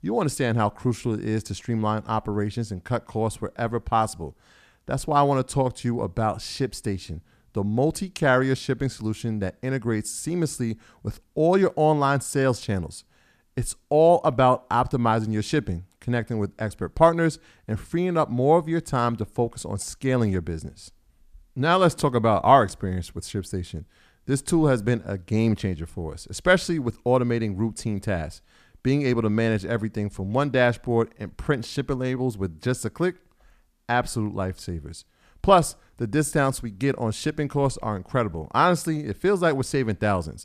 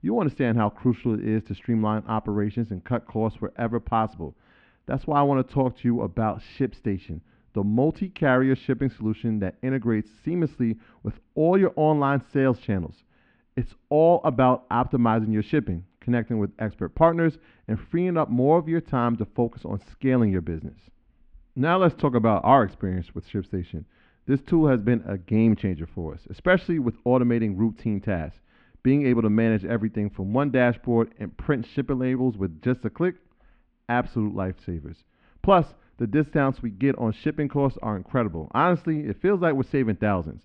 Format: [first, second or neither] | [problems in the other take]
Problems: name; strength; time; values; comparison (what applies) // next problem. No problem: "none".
first | muffled; very; fading above 3 kHz